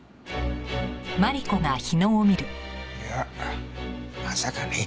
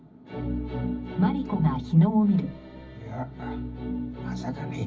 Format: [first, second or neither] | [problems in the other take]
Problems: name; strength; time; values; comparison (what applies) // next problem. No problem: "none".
first | room echo; dies away in 0.4 s